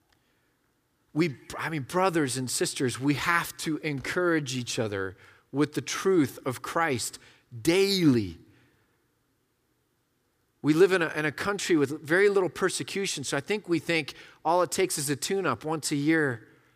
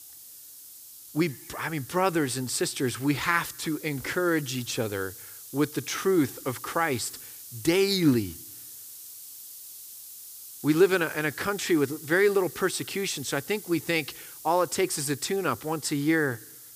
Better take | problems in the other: first | hiss; noticeable; throughout; 15 dB below the speech

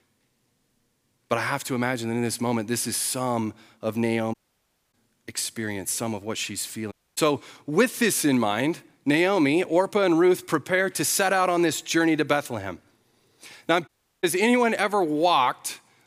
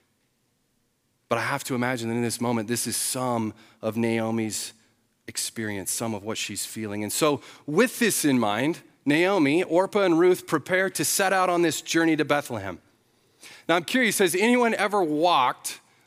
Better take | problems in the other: second | audio cutting out; at 4.5 s for 0.5 s, at 7 s and at 14 s

